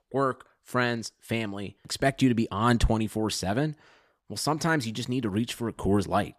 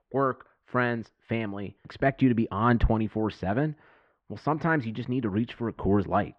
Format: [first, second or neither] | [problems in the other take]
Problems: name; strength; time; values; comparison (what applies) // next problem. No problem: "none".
first | muffled; very; fading above 2.5 kHz